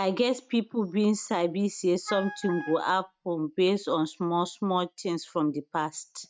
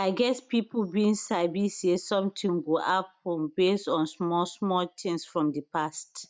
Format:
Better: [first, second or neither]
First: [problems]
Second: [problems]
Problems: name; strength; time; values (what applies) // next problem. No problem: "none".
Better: second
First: noise reduction (neural mask model RNNoise)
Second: none